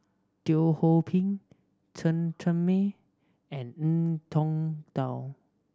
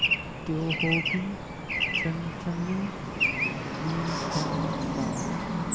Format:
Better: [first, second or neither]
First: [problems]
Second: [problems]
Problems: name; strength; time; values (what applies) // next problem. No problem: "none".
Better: first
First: none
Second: background sound (Traffic noise, roadway noise / Bird); 3 dB above the speech